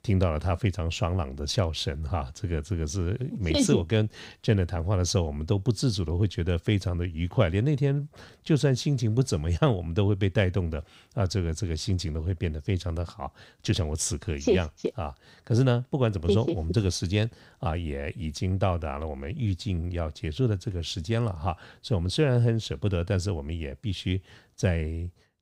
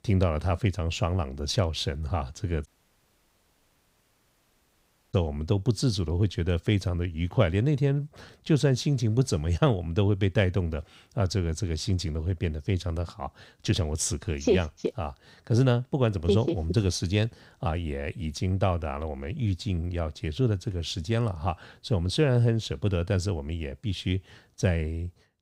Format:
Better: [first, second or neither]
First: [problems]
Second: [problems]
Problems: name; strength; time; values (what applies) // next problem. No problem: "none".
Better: first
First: none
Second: audio cutting out; at 2.5 s for 2.5 s